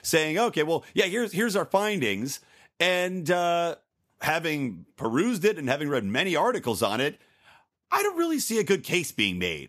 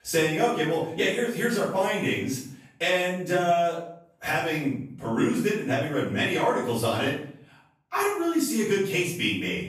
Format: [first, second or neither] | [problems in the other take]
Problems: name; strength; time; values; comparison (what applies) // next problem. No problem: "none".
first | off-mic speech; far // room echo; noticeable; dies away in 0.6 s